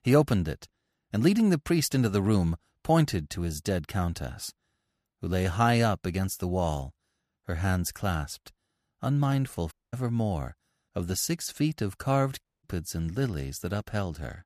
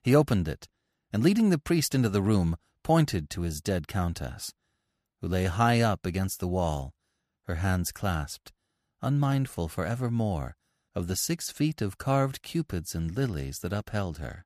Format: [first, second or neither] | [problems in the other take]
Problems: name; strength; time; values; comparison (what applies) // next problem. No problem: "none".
second | audio cutting out; at 9.5 s and at 12 s